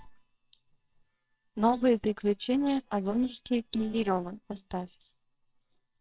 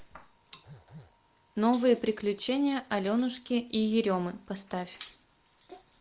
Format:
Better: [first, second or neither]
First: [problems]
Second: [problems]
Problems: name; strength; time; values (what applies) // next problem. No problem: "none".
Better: second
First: noise reduction (neural separator model SepFormer WHAMR!)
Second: none